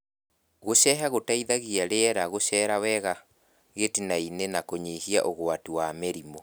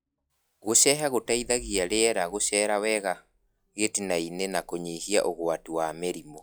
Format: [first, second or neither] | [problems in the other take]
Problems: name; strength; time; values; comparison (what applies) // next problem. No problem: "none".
first | noise reduction (classical method log-MMSE)